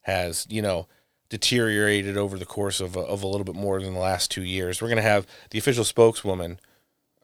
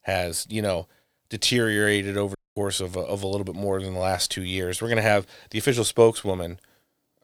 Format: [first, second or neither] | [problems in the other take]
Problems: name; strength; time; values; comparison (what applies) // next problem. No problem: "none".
first | audio cutting out; at 2.5 s